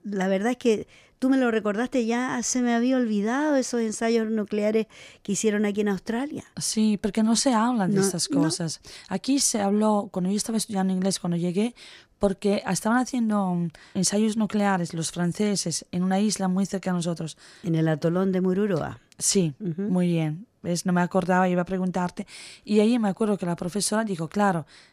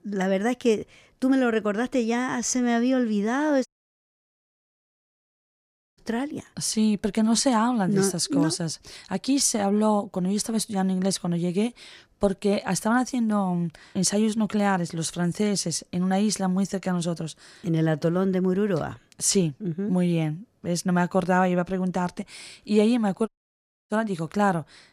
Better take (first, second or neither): first